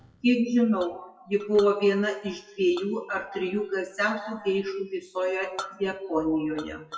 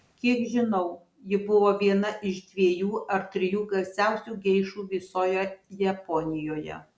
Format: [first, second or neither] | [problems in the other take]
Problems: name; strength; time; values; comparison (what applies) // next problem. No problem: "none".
second | noise reduction (classical method WPE with log-MMSE)